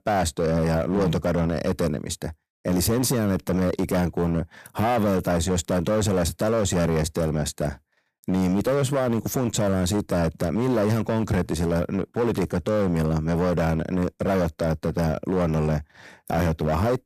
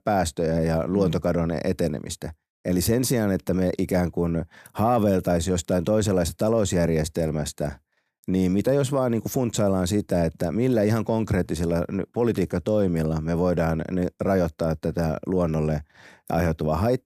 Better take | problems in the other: second | distortion; slight; 14% of the sound clipped

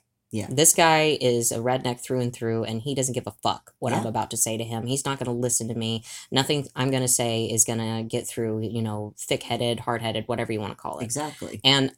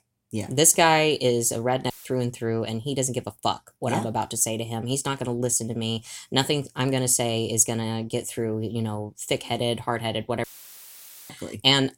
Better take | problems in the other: first | audio cutting out; filled with static; at 2 s and at 10 s for 1 s

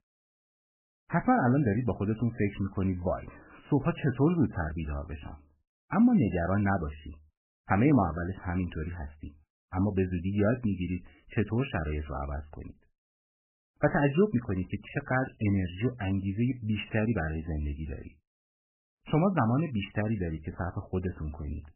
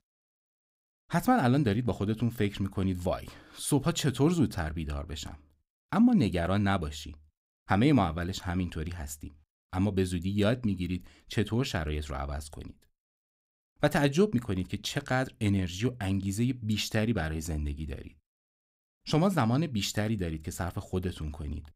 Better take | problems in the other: second | garbled, watery; badly; nothing above 3 kHz

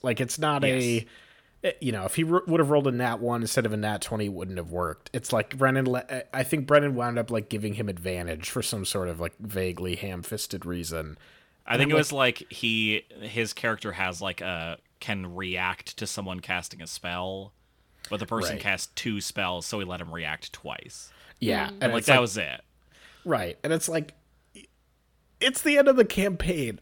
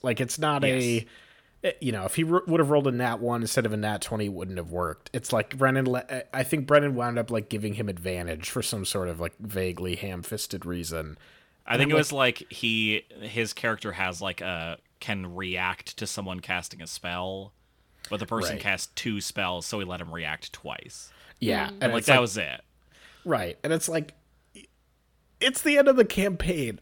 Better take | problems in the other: neither | none

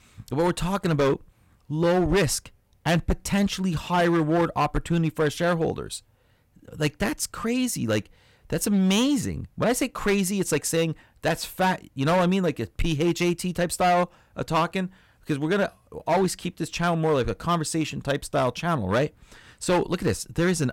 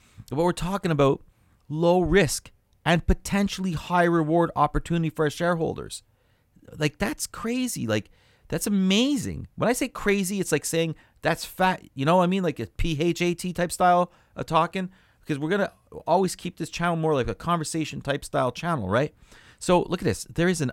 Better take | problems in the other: second | distortion; slight; 7% of the sound clipped

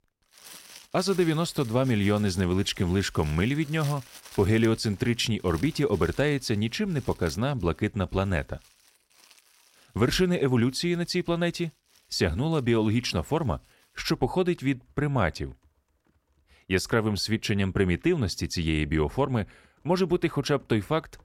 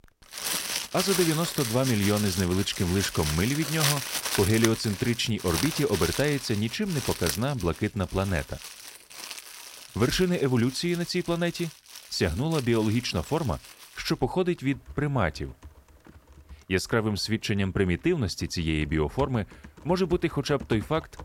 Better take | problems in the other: first | household noises; loud; throughout; 6 dB below the speech; faint in the first

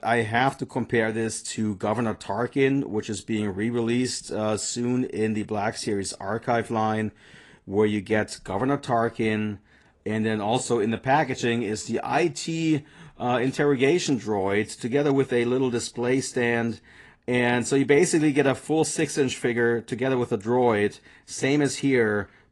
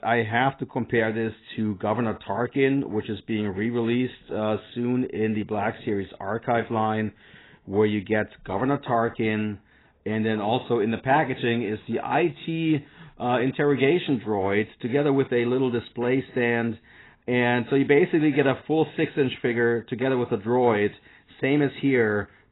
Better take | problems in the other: first | garbled, watery; badly; nothing above 4 kHz; slightly in the first

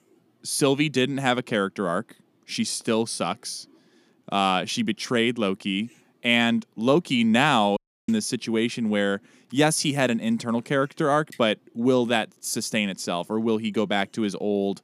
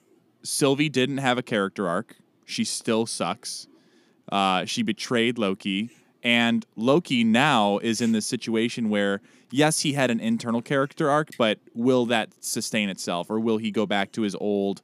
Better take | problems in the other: second | audio cutting out; at 8 s

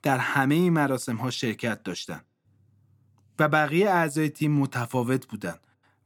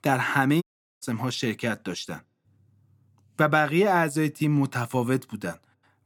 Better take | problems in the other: first | audio cutting out; at 0.5 s

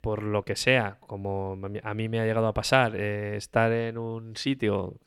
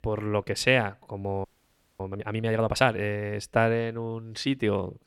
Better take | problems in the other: first | audio freezing; at 1.5 s for 0.5 s

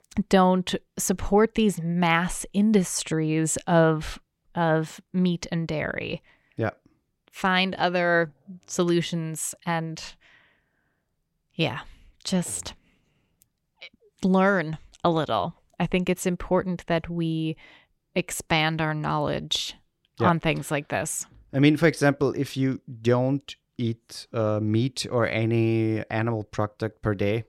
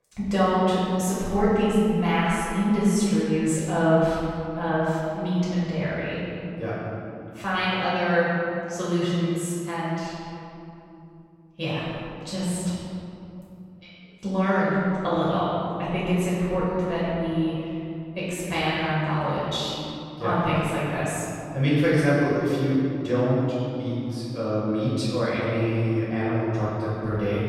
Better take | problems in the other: first | off-mic speech; far // room echo; strong; dies away in 2.8 s

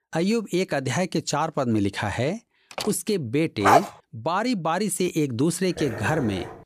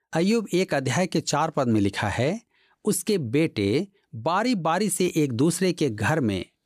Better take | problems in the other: second | door banging; noticeable; at 2.5 s; peak 9 dB below the speech // dog barking; loud; at 3.5 s; peak 6 dB above the speech // dog barking; noticeable; at 5.5 s; peak 9 dB below the speech

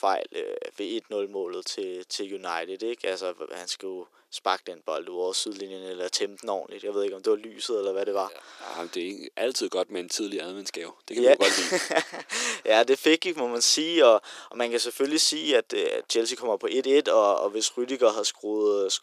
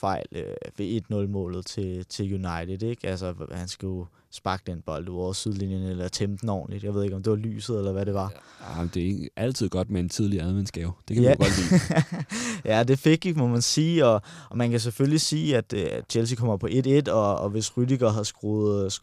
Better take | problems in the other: second | thin; very; fading below 350 Hz

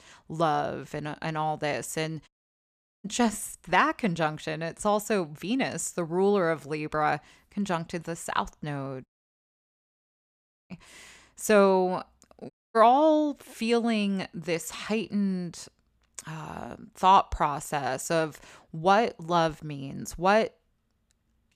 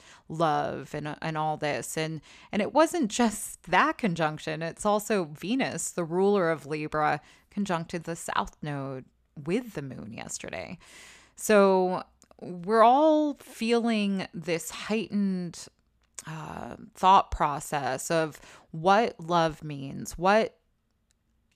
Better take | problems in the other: second | audio cutting out; at 2.5 s for 1 s, at 9 s for 1.5 s and at 13 s

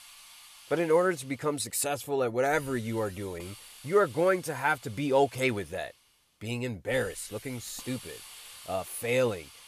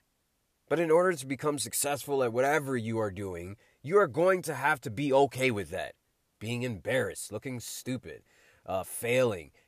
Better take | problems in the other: second | hiss; noticeable; throughout; 20 dB below the speech

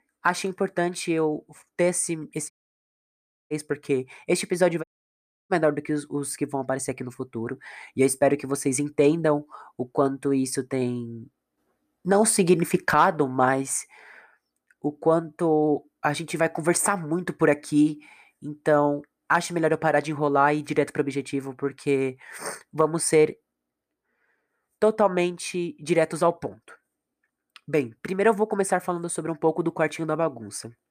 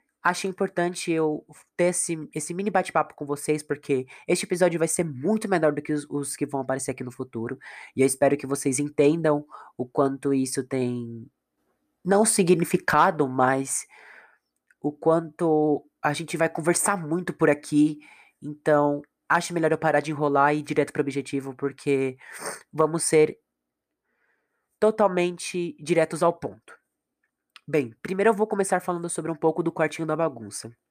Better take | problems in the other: second | audio cutting out; at 2.5 s for 1 s and at 5 s for 0.5 s

